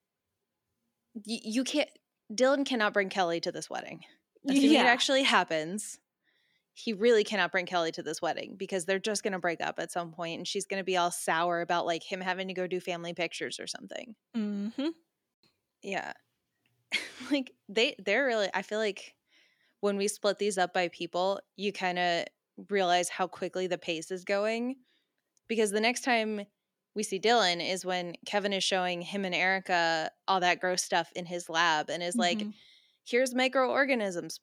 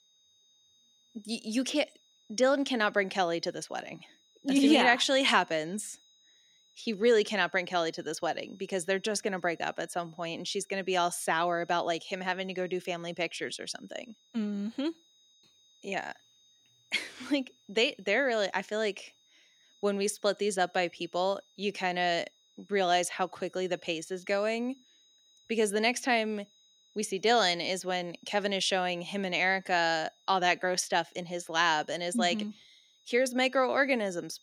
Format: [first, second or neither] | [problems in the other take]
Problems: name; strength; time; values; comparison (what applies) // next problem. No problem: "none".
first | high-pitched whine; faint; throughout; 4 kHz, 30 dB below the speech